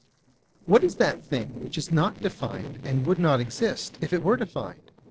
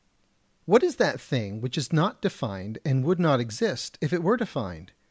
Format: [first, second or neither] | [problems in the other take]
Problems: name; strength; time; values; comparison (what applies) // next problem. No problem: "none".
second | noise reduction (neural separator model SepFormer DNS4)